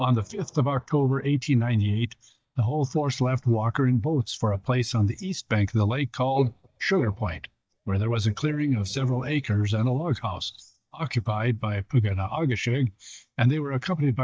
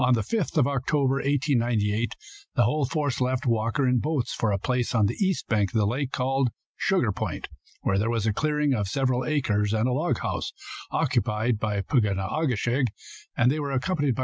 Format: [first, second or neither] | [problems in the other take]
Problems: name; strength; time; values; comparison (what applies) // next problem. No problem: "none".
second | noise reduction (neural mask model DeepFilterNet 3)